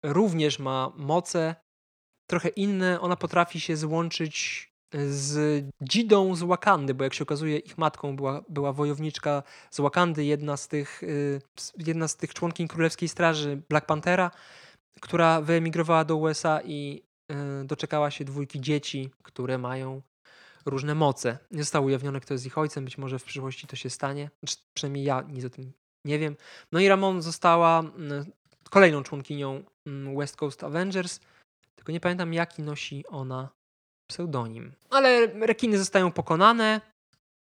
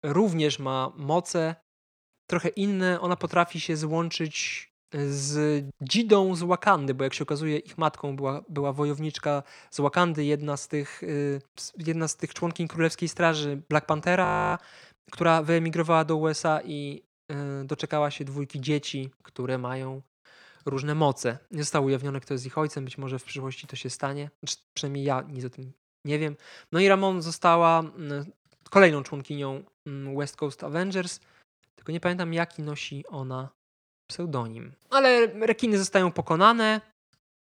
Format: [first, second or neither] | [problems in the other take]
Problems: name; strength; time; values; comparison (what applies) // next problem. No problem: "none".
first | audio freezing; at 14 s